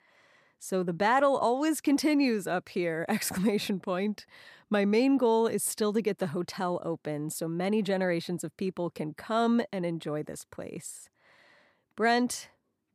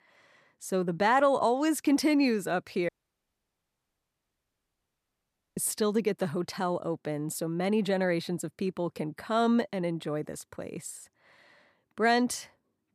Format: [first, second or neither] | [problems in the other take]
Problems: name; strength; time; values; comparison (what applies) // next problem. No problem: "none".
first | audio cutting out; at 3 s for 2.5 s